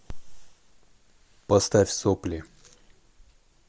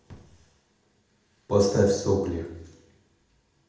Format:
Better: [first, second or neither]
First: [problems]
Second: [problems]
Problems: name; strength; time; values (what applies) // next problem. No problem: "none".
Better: first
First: none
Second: room echo; dies away in 0.8 s